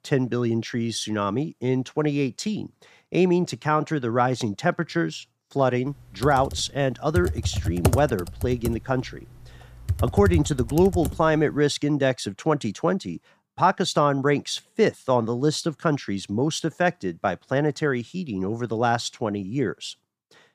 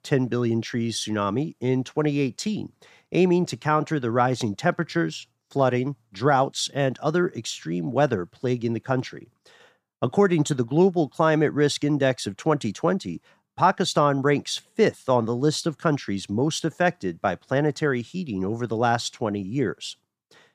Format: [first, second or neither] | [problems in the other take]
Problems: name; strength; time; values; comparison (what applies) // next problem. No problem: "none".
second | keyboard typing; loud; from 6 to 11 s; peak level with the speech